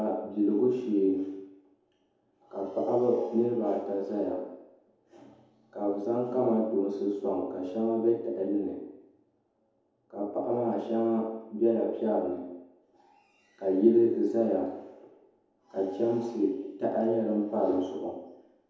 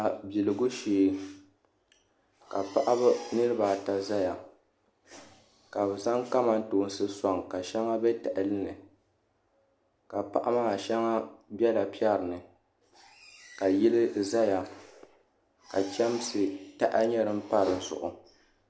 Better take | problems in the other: second | room echo; dies away in 1 s

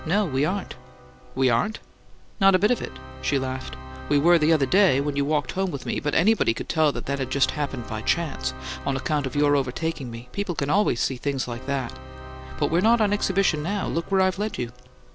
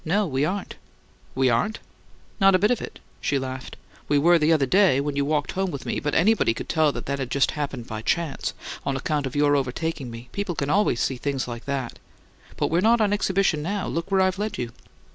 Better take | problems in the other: second | background sound (Organ); 15 dB below the speech

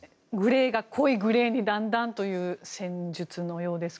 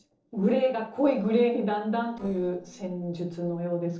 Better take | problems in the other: first | noise reduction (neural separator model SepFormer DNS4)

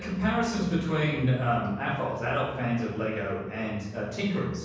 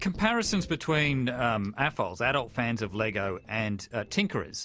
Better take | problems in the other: second | room echo; dies away in 1.1 s

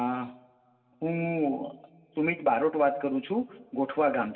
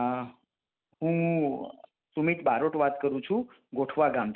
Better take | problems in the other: second | room echo; dies away in 1.8 s

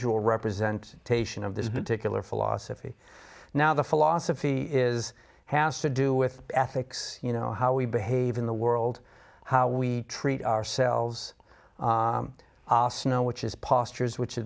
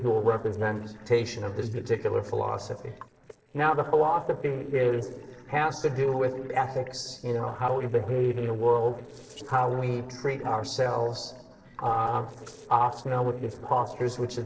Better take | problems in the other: first | noise reduction (neural separator model SepFormer DNS4)

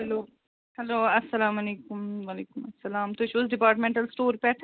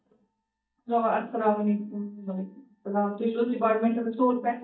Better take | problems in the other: first | noise reduction (neural mask model DeepFilterNet 3)

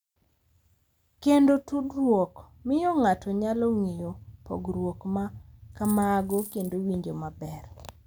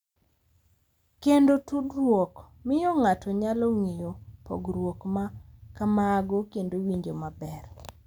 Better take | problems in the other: second | background sound (Coin (dropping)); 16 dB below the speech

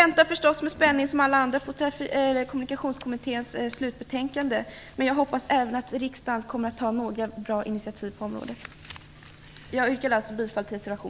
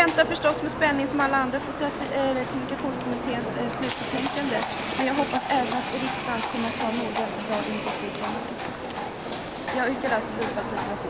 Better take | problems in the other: first | background sound (Livestock, farm animals, working animals); 3 dB below the speech

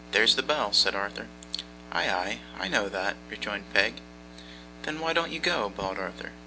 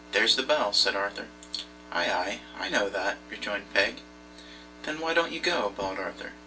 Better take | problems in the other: first | room echo; dies away in 0.2 s

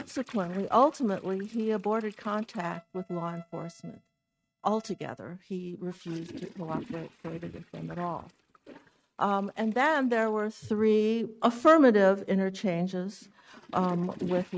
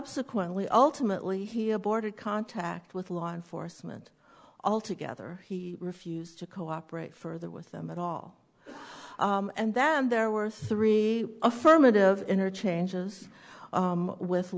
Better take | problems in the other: second | noise reduction (neural mask model RNNoise)

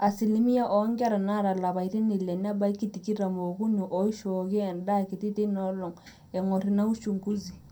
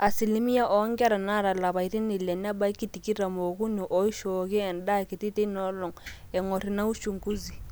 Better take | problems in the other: second | room echo; dies away in 0.2 s

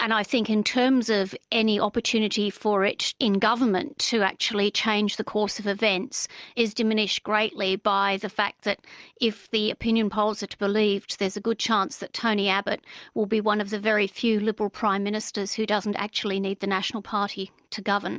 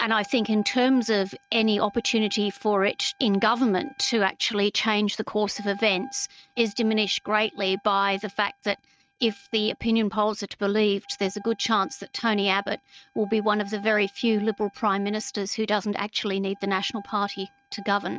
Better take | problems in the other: first | noise reduction (neural mask model RNNoise)

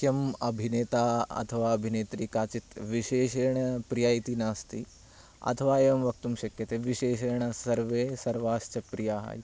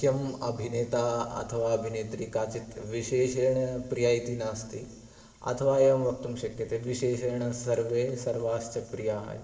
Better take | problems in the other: first | room echo; dies away in 3 s

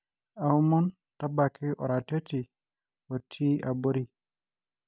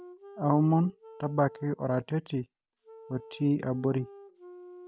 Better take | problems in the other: first | background sound (Wind instrument, woodwind instrument); 19 dB below the speech

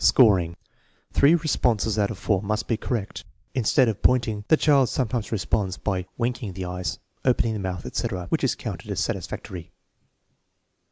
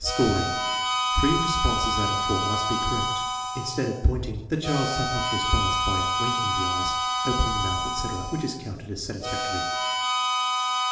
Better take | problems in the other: first | background sound (Harmonica); 2 dB above the speech // room echo; dies away in 1 s

